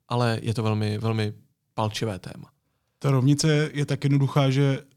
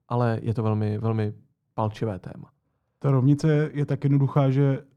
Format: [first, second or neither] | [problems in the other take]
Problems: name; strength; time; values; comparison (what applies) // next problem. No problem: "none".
first | muffled; very; fading above 2 kHz